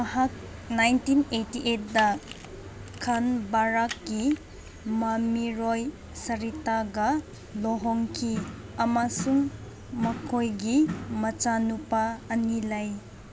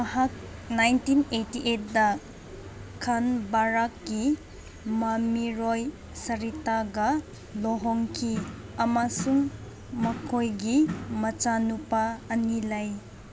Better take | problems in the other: second | background sound (Camera); 17 dB below the speech

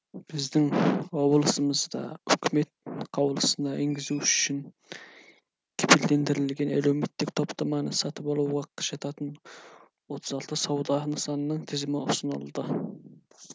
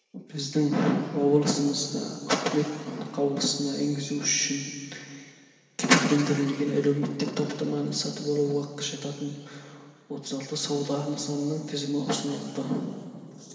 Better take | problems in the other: first | room echo; dies away in 2.7 s

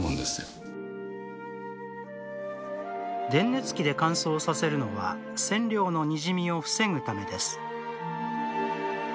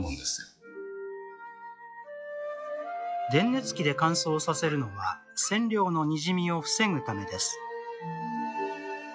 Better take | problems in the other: first | noise reduction (classical method log-MMSE)

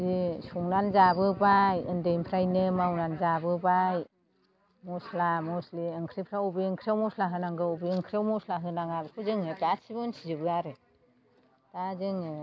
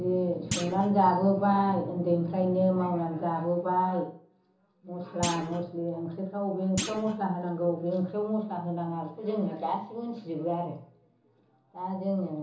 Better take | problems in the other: first | background sound (Thump, thud); 10 dB below the speech // room echo; dies away in 1.2 s

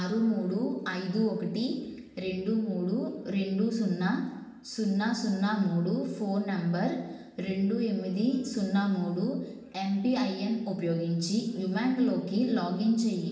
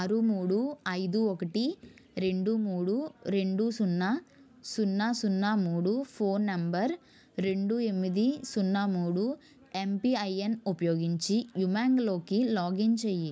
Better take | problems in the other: second | room echo; dies away in 0.9 s

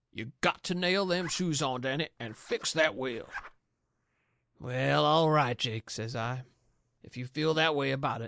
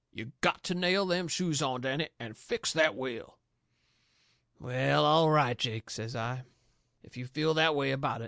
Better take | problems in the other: second | noise reduction (neural mask model Resemble Enhance denoiser)

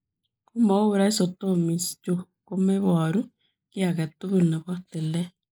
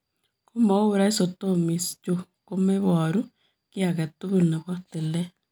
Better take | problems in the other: second | noise reduction (neural mask model Resemble Enhance denoiser)

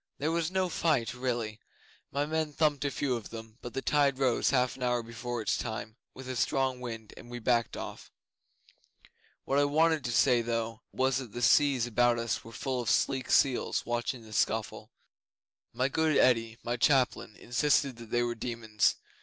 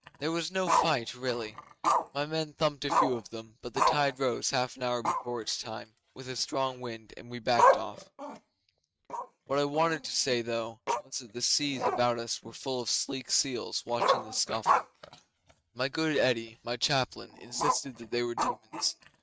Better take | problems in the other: first | noise reduction (neural mask model RNNoise)

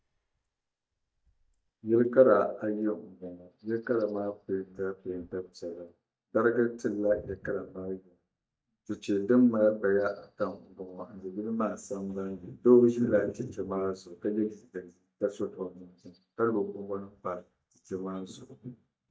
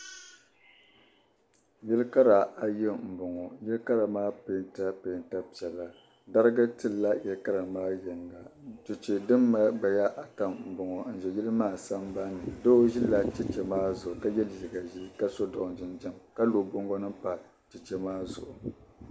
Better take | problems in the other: second | noise reduction (neural mask model DeepFilterNet 3)

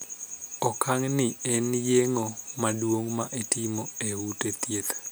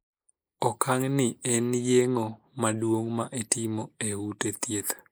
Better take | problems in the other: first | noise reduction (neural mask model Resemble Enhance denoiser)

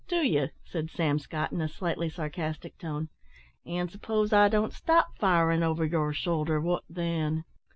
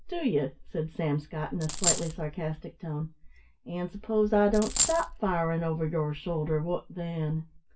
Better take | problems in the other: first | background sound (Coin (dropping)); as loud as the speech // room echo; dies away in 0.2 s

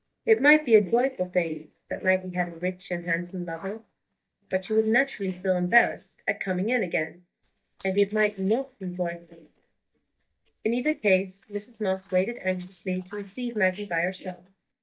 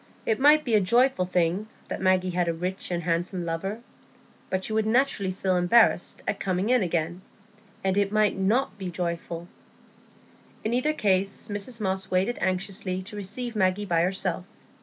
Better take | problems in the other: second | noise reduction (neural mask model DeepFilterNet 3)

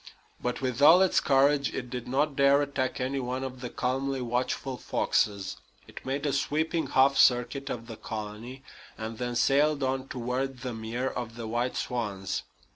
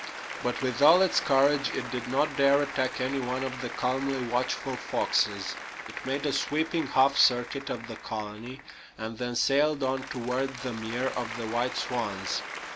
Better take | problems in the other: first | background sound (Applause); 11 dB below the speech

